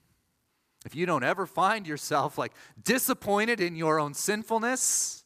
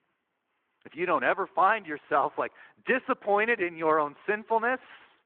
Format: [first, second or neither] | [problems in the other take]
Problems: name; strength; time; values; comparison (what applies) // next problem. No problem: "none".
first | phone-call audio